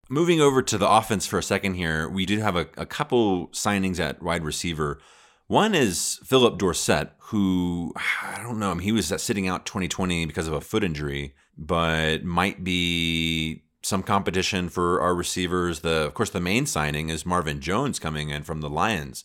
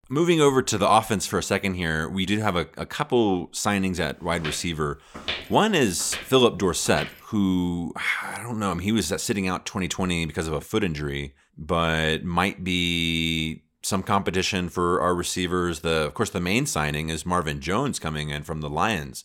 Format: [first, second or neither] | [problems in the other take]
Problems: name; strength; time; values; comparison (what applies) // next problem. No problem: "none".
first | footsteps; noticeable; from 4.5 to 7 s; peak 6 dB below the speech